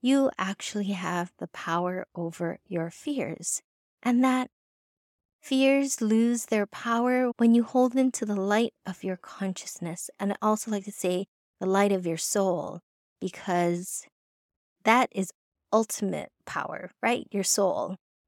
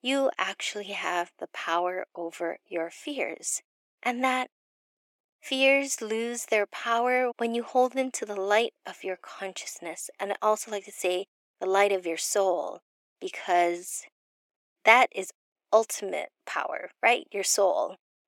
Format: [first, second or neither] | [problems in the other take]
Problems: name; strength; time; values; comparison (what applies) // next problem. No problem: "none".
first | thin; somewhat; fading below 350 Hz